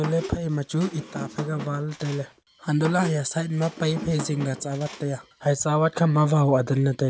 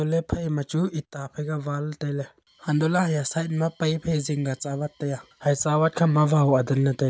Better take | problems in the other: second | background sound (Squeak); 14 dB below the speech

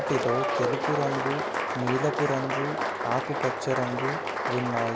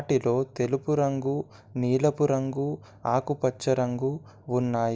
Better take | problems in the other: second | background sound (Applause); 1 dB above the speech

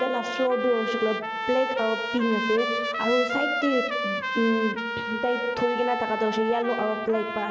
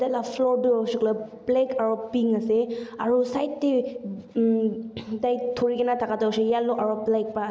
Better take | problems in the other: second | background sound (Trumpet); 4 dB below the speech

